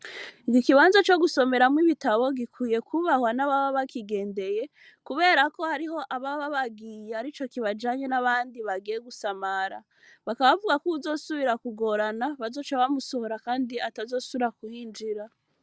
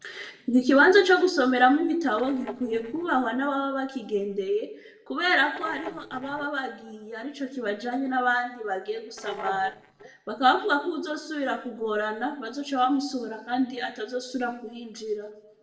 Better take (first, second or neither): first